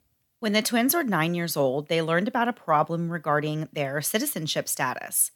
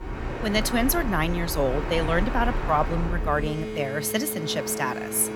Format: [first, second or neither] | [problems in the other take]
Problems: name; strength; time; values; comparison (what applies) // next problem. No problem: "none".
first | train or aircraft noise; loud; throughout; 5 dB below the speech